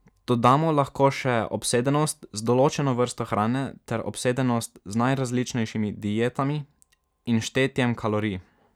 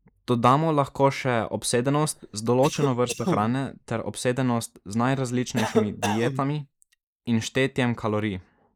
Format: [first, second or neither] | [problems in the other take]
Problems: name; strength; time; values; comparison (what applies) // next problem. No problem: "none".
first | noise reduction (neural mask model Resemble Enhance denoiser)